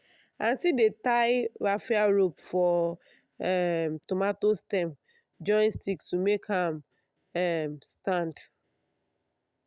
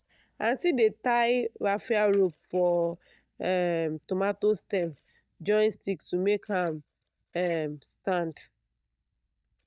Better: first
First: none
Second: noise reduction (neural mask model DeepFilterNet 3)

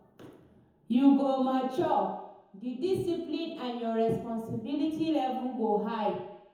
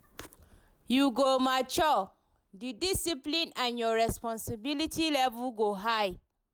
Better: second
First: room echo; dies away in 0.9 s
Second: none

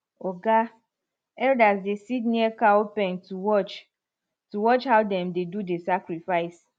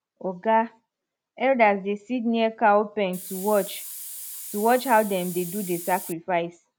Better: first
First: none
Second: background sound (Hiss); 12 dB below the speech

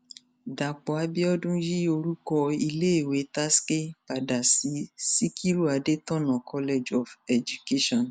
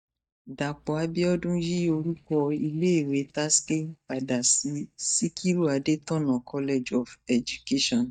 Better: first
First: none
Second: noise reduction (neural mask model DeepFilterNet 3)

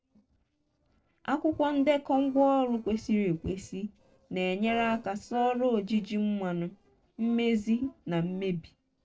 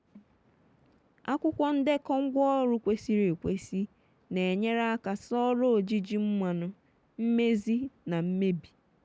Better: second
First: noise reduction (neural separator model SepFormer DNS4)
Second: none

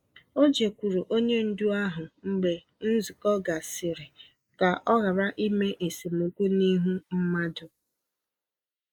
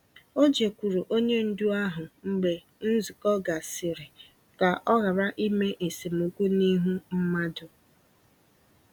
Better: second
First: noise reduction (neural mask model Resemble Enhance denoiser)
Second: none

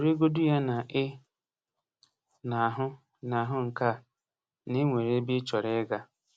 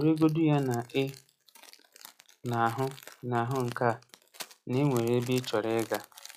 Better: first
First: none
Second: noise reduction (classical method log-MMSE)

